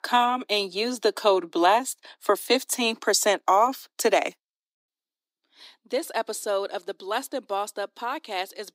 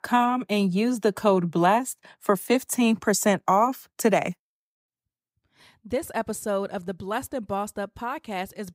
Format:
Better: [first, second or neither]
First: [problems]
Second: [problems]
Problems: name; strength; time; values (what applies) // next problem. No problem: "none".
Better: second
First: thin; somewhat; fading below 300 Hz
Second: none